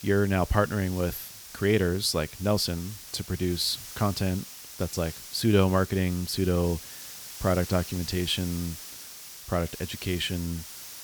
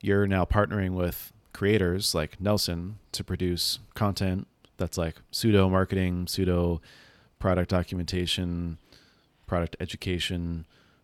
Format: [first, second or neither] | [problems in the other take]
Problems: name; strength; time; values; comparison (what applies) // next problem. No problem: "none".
second | hiss; noticeable; throughout; 10 dB below the speech